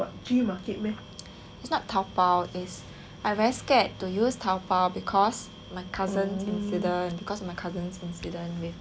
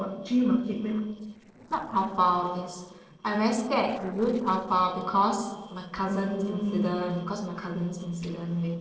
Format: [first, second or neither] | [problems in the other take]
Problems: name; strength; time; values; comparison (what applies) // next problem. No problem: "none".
first | noise reduction (neural separator model SepFormer DNS4)